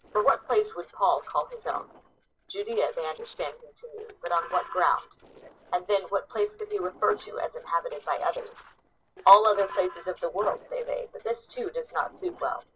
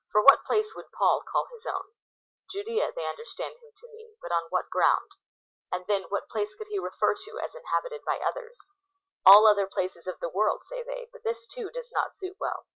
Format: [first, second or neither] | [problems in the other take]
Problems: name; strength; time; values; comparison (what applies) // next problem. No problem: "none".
second | noise reduction (neural separator model SepFormer DNS4)